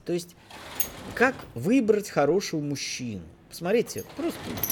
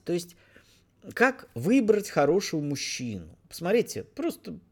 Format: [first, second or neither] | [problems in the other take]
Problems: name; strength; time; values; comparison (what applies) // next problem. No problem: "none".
second | door banging; noticeable; from 1 s on; peak 2 dB below the speech